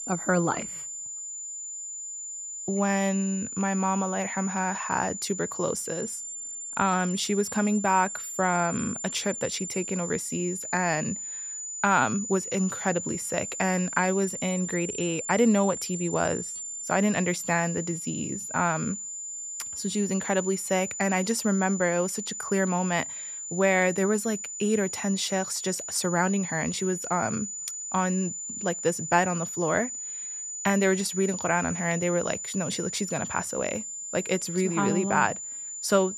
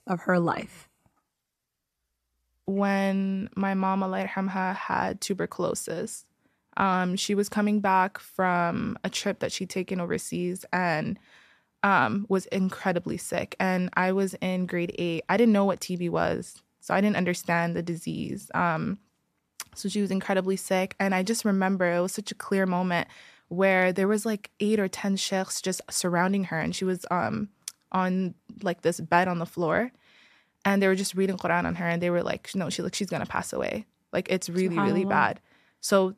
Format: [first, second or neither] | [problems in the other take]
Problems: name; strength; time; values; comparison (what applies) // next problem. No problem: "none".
second | high-pitched whine; loud; throughout; 7 kHz, 6 dB below the speech